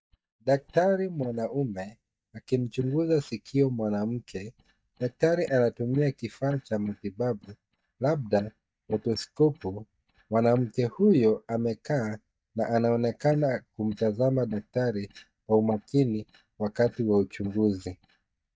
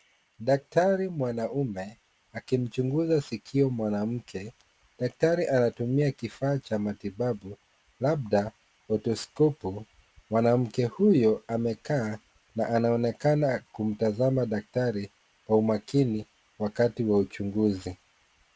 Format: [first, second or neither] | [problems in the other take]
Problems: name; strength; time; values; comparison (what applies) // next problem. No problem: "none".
second | noise reduction (neural mask model DeepFilterNet 3)